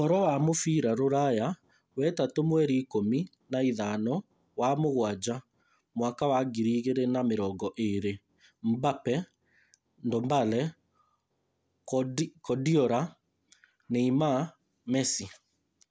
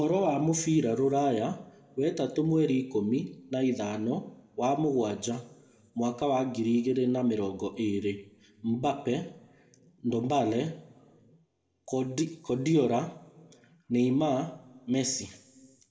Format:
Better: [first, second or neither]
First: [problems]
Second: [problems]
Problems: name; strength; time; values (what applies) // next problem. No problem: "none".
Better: first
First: none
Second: room echo; dies away in 0.9 s